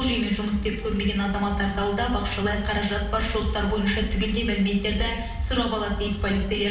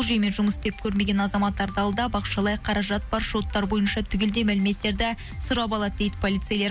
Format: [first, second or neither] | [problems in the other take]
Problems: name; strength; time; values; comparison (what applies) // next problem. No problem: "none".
second | room echo; dies away in 0.9 s